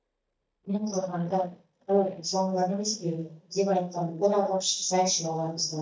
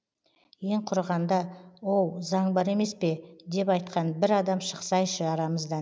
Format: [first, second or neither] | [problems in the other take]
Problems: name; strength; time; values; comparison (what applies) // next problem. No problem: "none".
second | noise reduction (neural mask model DeepFilterNet 3)